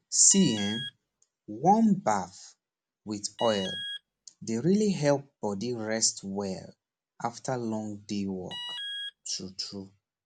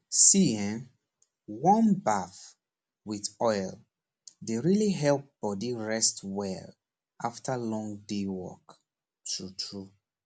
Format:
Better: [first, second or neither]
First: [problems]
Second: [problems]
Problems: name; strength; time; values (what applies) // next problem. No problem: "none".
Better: second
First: background sound (Alarm); 9 dB below the speech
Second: none